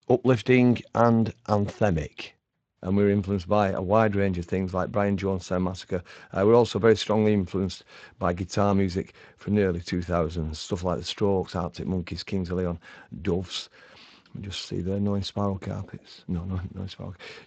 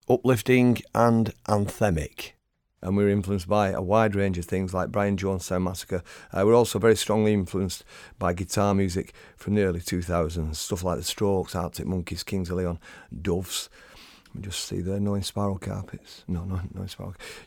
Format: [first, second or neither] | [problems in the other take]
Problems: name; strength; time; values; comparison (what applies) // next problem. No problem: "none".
second | garbled, watery; slightly; nothing above 7.5 kHz